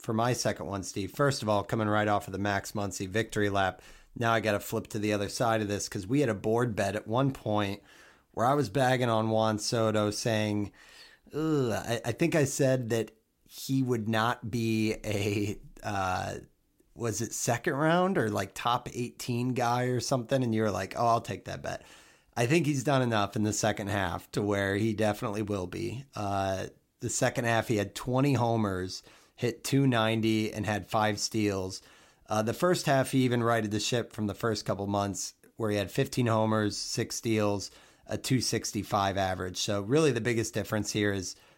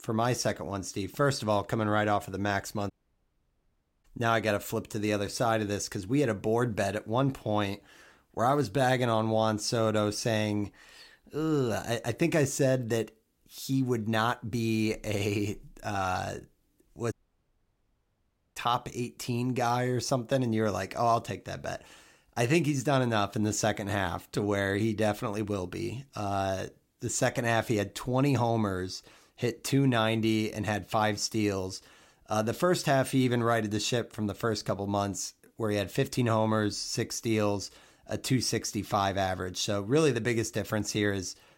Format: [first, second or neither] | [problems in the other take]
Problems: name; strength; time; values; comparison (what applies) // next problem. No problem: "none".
first | audio cutting out; at 3 s for 1 s and at 17 s for 1.5 s